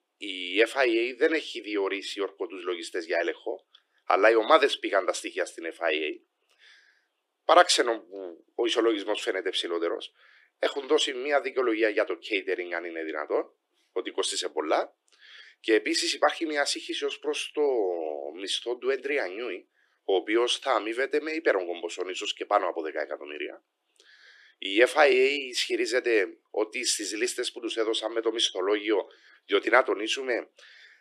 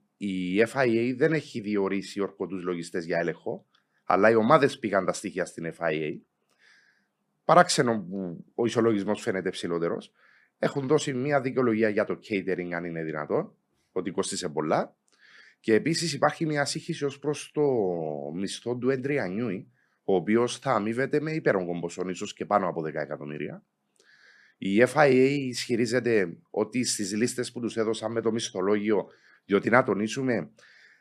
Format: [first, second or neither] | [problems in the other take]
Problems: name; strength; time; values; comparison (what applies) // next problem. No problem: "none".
second | thin; very; fading below 300 Hz